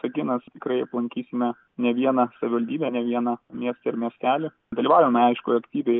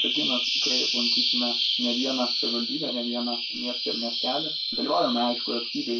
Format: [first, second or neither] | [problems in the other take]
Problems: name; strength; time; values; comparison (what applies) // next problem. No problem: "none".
first | background sound (Bird vocalization, bird call, bird song); 2 dB above the speech // room echo; dies away in 0.2 s